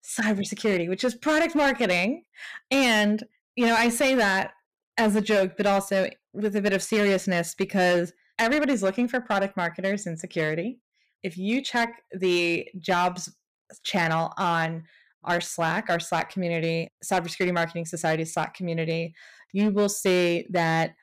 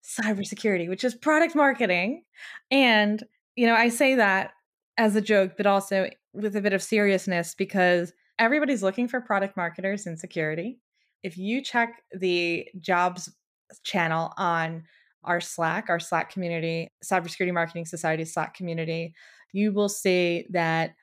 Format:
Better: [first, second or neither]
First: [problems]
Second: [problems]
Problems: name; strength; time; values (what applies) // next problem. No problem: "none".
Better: second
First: distortion; slight; 7% of the sound clipped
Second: none